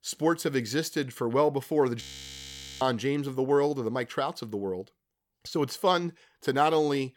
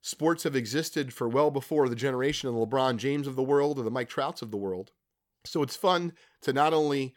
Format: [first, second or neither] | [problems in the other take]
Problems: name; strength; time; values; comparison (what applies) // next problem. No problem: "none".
second | audio freezing; at 2 s for 1 s